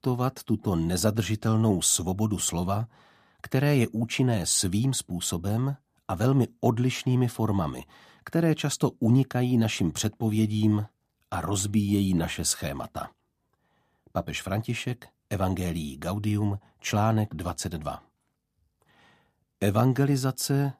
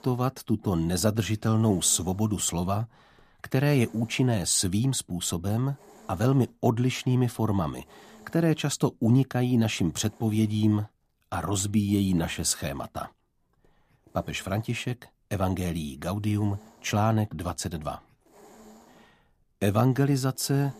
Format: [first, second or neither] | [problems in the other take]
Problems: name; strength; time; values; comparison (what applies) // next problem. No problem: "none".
first | hiss; faint; throughout; 30 dB below the speech